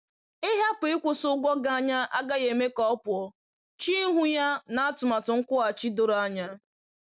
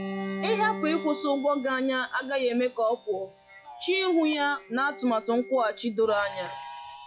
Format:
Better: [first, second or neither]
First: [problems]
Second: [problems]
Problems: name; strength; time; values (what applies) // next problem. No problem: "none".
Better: first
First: none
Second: noise reduction (classical method log-MMSE)